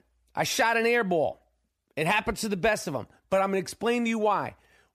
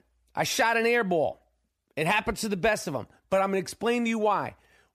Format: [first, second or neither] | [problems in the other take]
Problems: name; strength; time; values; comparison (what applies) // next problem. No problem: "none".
neither | none